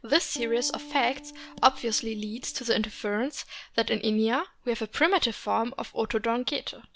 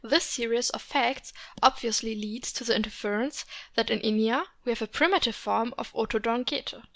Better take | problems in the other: second | background sound (Piano); 18 dB below the speech

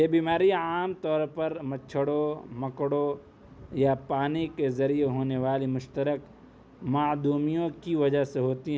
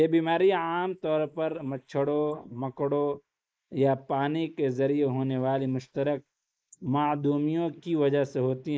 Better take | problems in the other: first | noise reduction (neural mask model Resemble Enhance denoiser)

